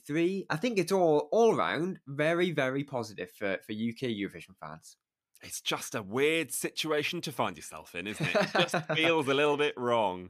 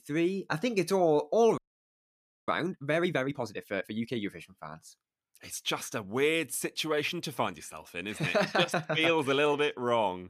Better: first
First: none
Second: audio freezing; at 1.5 s for 1 s

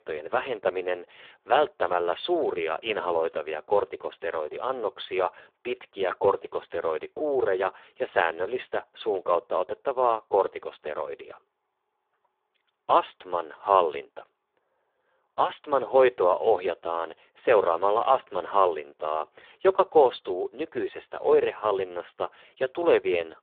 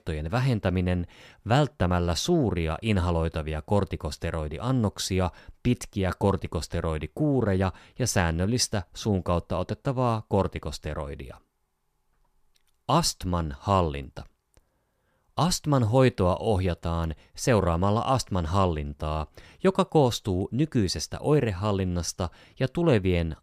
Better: second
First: phone-call audio; poor line; nothing above 3.5 kHz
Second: none

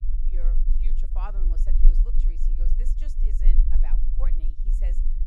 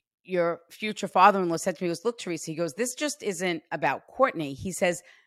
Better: second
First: low rumble; loud; throughout; 4 dB below the speech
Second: none

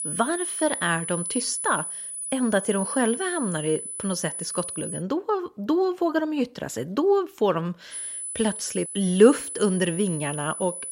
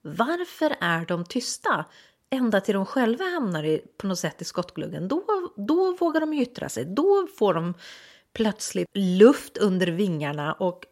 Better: second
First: high-pitched whine; loud; until 5 s and from 8 s on; 10 kHz, 6 dB below the speech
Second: none

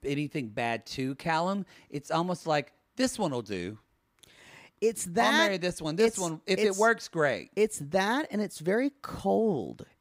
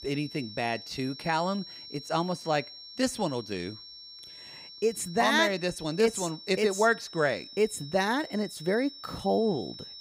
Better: first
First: none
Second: high-pitched whine; noticeable; throughout; 5.5 kHz, 15 dB below the speech

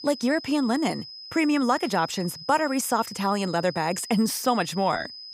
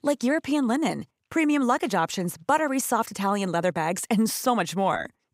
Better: second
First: high-pitched whine; noticeable; throughout; 5 kHz, 15 dB below the speech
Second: none

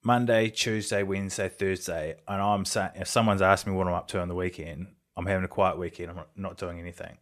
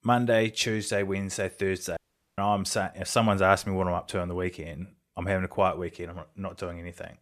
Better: first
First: none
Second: audio cutting out; at 2 s

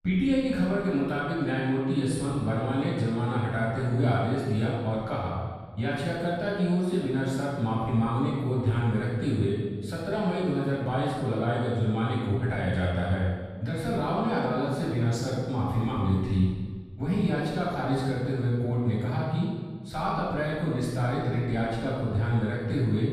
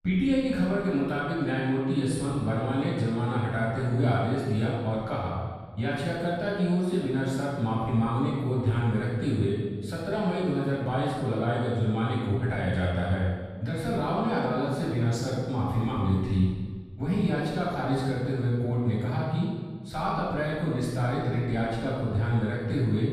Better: neither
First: off-mic speech; far // room echo; strong; dies away in 1.4 s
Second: off-mic speech; far // room echo; strong; dies away in 1.4 s

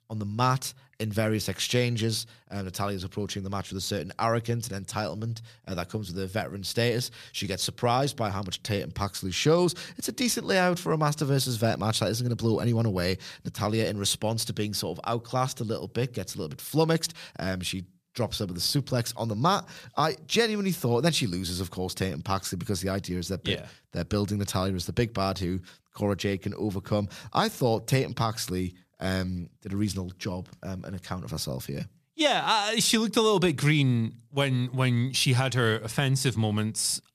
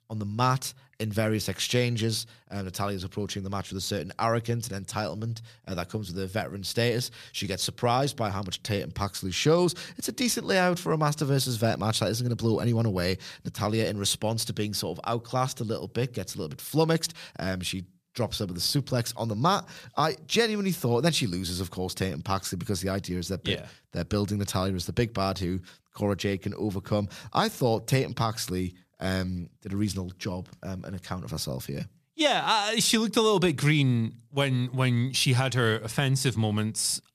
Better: neither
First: none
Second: none

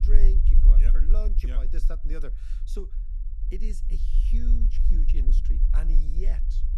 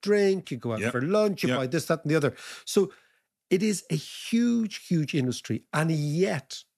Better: second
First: low rumble; loud; throughout; 5 dB below the speech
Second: none

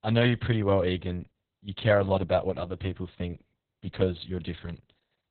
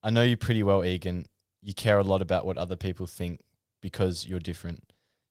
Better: second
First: garbled, watery; badly; nothing above 4 kHz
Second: garbled, watery; slightly; nothing above 16 kHz

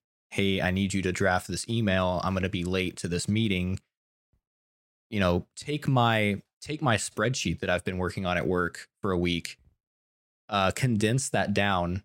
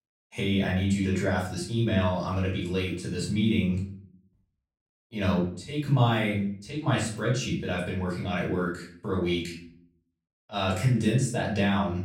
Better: first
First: none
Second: off-mic speech; far // room echo; noticeable; dies away in 0.5 s

